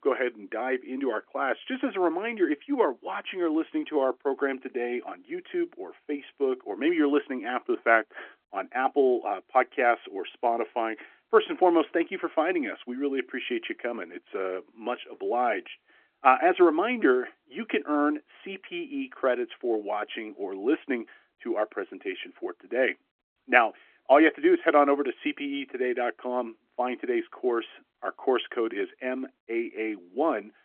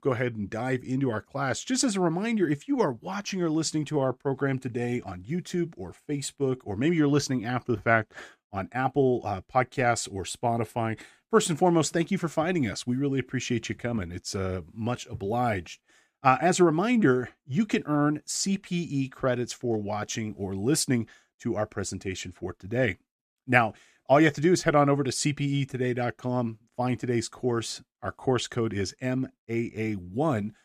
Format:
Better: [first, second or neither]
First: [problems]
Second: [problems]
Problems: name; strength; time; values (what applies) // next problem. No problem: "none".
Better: second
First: phone-call audio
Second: none